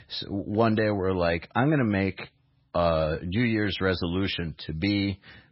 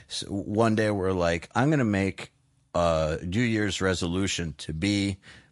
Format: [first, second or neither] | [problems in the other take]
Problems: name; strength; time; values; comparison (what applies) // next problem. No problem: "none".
second | garbled, watery; badly; nothing above 5.5 kHz; slightly in the second